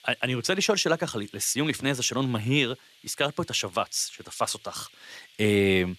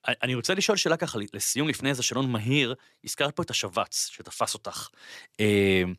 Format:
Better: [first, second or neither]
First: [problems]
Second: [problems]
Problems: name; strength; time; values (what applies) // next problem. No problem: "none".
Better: second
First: hiss; faint; throughout; 25 dB below the speech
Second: none